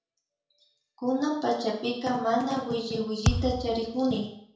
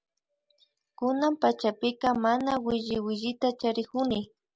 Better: second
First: background sound (Thump, thud); 1 dB below the speech // room echo; dies away in 0.5 s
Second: none

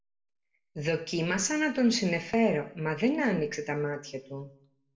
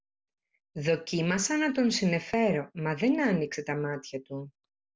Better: second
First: room echo; dies away in 0.5 s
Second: none

